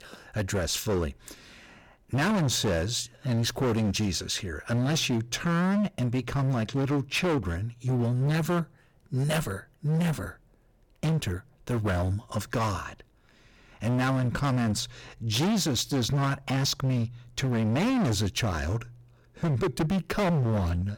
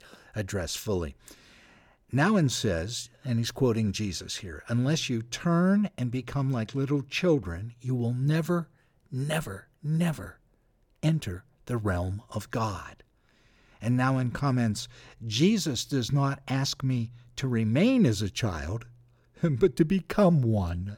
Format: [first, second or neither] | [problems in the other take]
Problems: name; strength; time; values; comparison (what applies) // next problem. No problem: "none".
second | distortion; heavy; 21% of the sound clipped